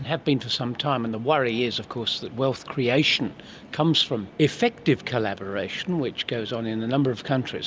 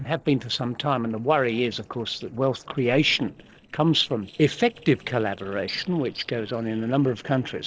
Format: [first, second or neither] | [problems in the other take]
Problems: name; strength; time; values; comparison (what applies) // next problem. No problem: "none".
first | noise reduction (neural separator model SepFormer DNS4)